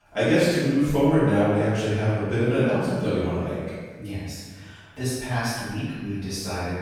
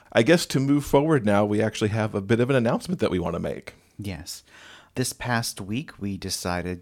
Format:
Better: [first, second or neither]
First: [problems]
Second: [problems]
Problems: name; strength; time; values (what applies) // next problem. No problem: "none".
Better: second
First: off-mic speech; far // room echo; strong; dies away in 1.4 s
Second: none